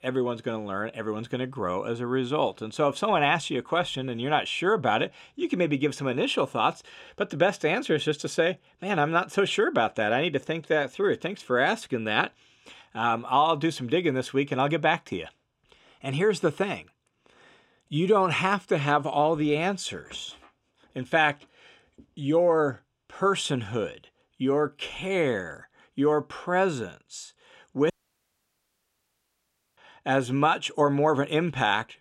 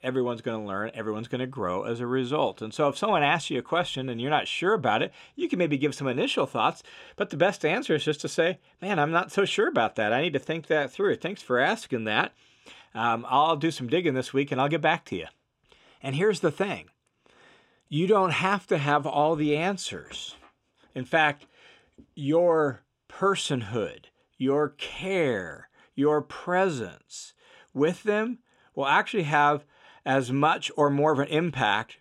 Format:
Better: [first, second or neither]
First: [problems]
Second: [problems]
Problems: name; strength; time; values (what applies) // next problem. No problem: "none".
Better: second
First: audio cutting out; at 28 s for 2 s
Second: none